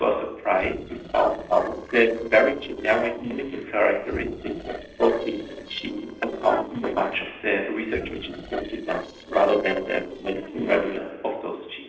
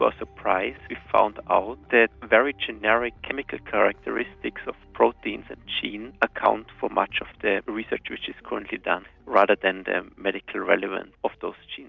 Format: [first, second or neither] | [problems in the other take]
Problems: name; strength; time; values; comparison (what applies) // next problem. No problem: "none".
second | noise reduction (neural separator model SepFormer DNS4)